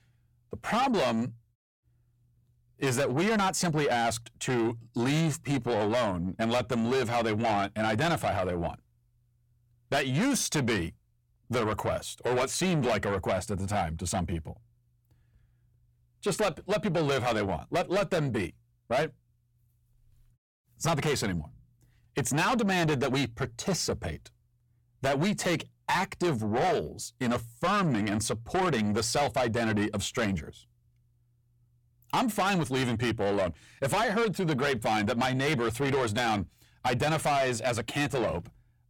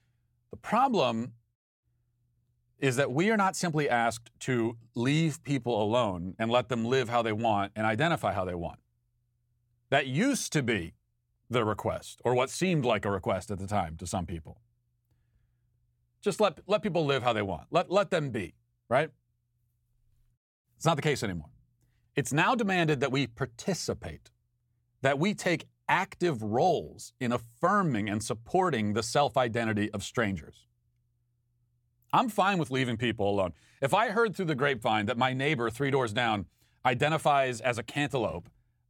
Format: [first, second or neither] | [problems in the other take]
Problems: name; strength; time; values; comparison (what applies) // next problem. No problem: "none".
second | distortion; heavy; 7 dB below the speech